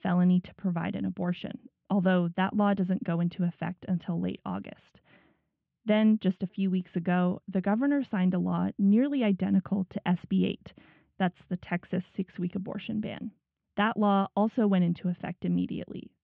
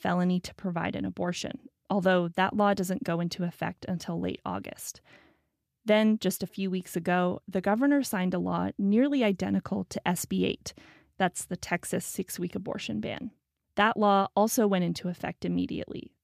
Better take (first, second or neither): second